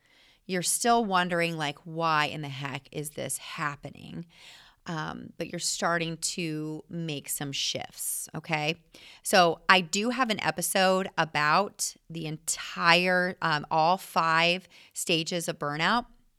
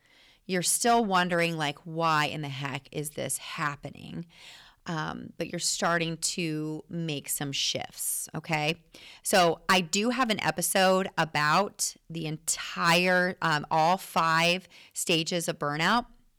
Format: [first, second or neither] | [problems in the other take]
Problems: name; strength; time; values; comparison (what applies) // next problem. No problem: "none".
first | distortion; slight; 1.8% of the sound clipped